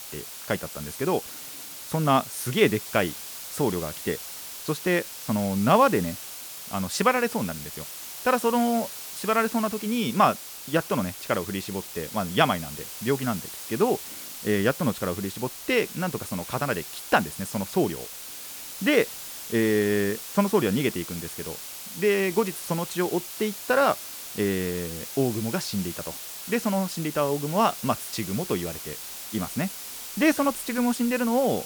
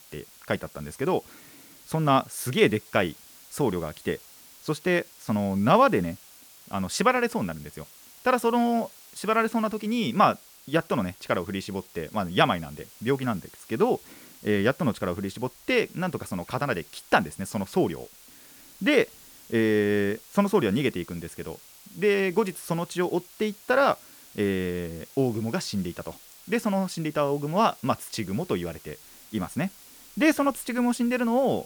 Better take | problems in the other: second | hiss; loud; throughout; 9 dB below the speech; faint in the second

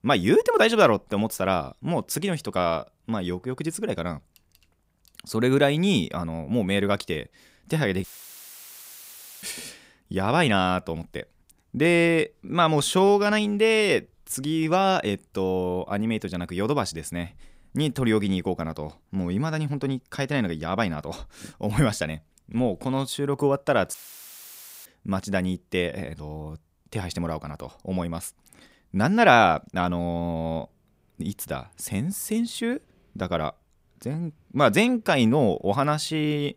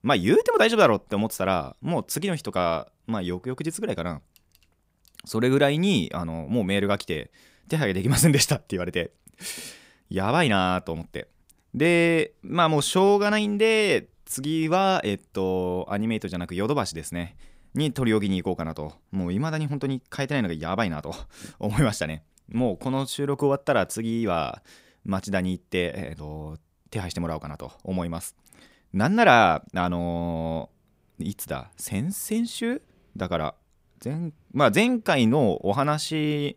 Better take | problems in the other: second | audio cutting out; filled with static; at 8 s for 1.5 s and at 24 s for 1 s

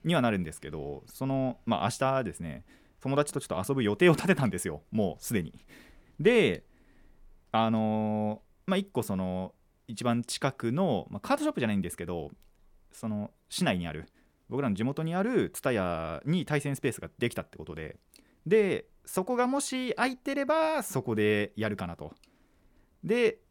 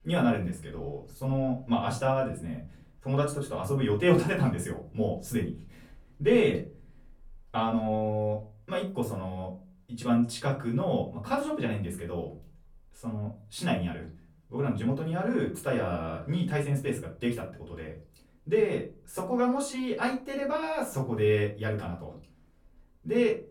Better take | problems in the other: first | off-mic speech; far // room echo; slight; dies away in 0.4 s

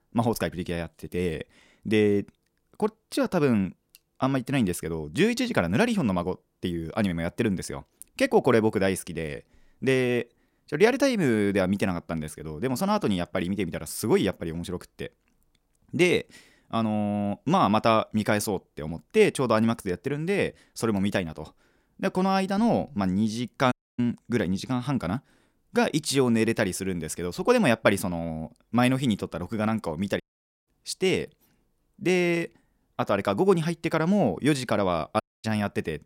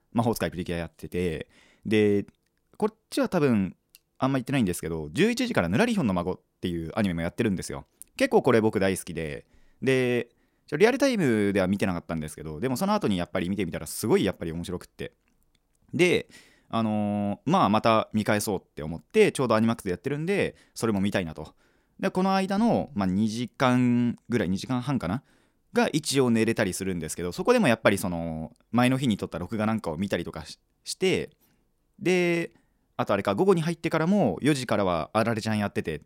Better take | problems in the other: second | audio cutting out; at 24 s, at 30 s and at 35 s

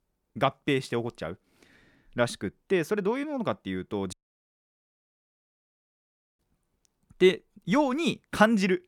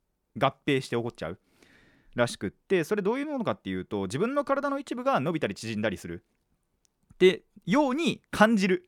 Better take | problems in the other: second | audio cutting out; at 4 s for 2.5 s

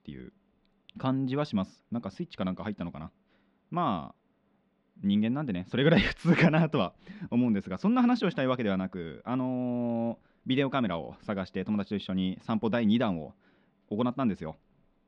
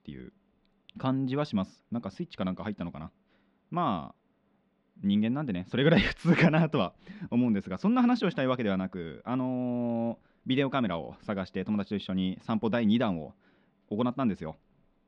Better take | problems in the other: neither | muffled; slightly; fading above 4 kHz; the same in both

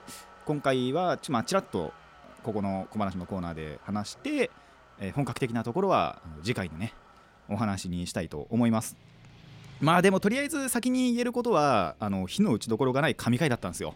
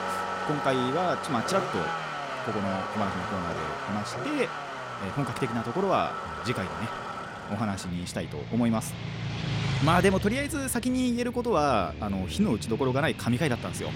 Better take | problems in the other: first | traffic noise; loud; throughout; 5 dB below the speech; faint in the first

